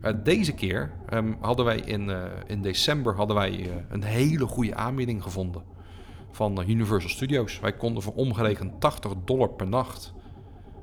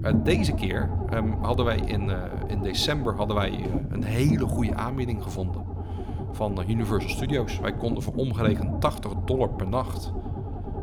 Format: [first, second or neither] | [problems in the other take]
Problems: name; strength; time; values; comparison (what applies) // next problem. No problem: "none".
first | low rumble; loud; throughout; 7 dB below the speech; faint in the first